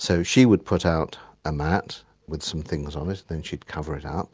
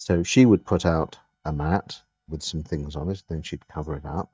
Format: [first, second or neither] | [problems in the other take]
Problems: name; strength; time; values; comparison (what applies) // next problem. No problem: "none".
first | noise reduction (neural mask model DeepFilterNet 3)